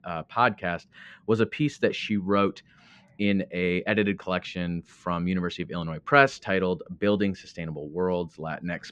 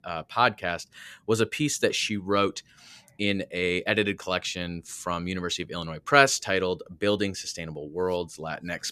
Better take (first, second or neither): second